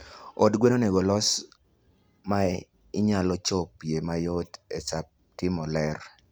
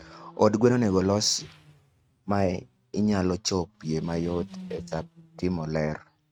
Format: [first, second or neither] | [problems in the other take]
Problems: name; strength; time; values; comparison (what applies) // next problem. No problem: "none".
first | noise reduction (neural mask model RNNoise)